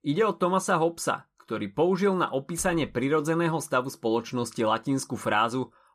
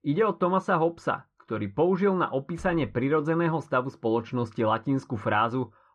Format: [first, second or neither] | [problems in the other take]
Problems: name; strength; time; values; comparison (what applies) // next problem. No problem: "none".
first | muffled; very; fading above 2.5 kHz